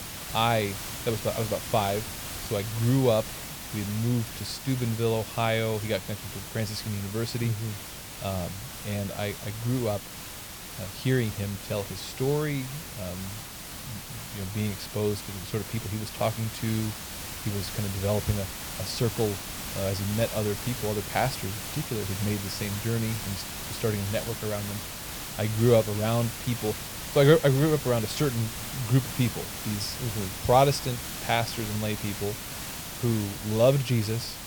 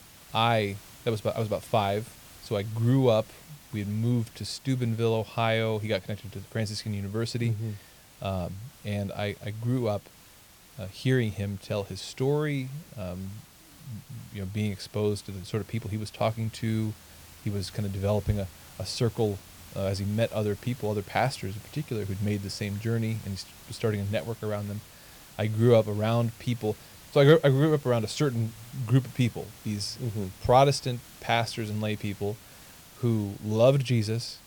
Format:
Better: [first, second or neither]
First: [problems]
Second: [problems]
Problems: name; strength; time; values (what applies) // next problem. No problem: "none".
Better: second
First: hiss; loud; throughout; 7 dB below the speech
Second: hiss; faint; throughout; 20 dB below the speech